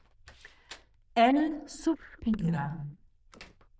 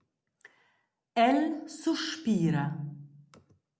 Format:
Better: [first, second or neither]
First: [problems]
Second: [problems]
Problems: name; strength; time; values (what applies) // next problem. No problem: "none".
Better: second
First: noise reduction (neural diffusion model UNIVERSE++)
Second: none